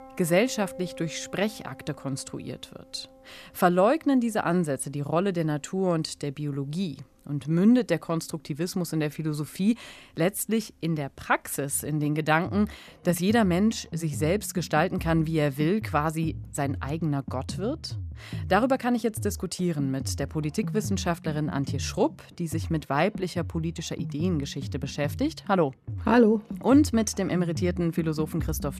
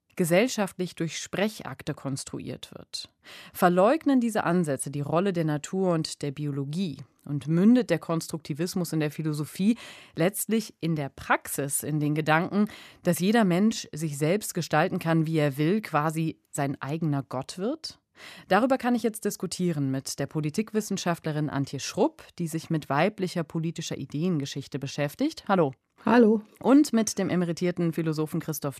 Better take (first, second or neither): second